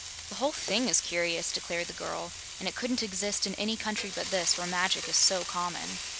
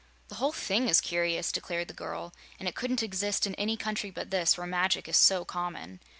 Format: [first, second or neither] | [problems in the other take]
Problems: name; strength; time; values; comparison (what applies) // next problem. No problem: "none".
second | background sound (Frying (food)); 8 dB below the speech